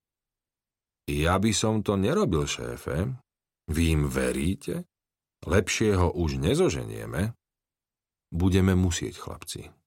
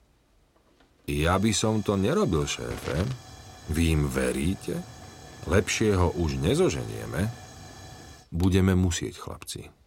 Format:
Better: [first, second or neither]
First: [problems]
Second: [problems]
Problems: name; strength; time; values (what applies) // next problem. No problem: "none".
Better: first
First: none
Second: hiss; noticeable; throughout; 20 dB below the speech